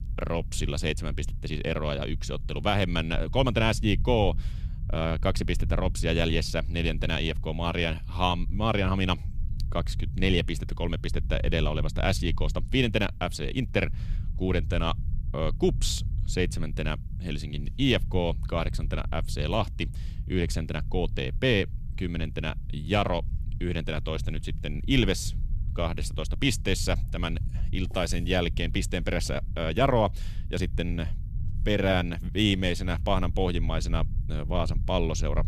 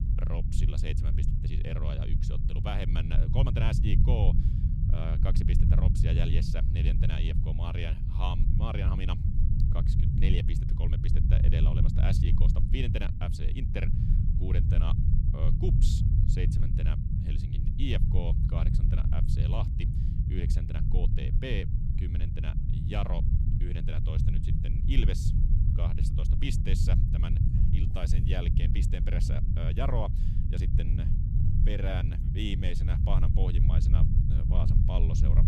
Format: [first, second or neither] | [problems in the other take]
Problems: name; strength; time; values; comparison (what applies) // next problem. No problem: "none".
first | low rumble; loud; throughout; 2 dB below the speech; faint in the first